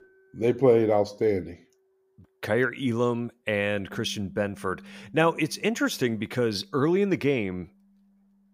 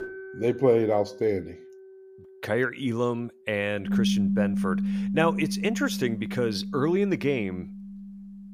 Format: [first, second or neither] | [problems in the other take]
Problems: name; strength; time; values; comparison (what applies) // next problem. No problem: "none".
first | background music; loud; throughout; 3 dB below the speech; faint in the first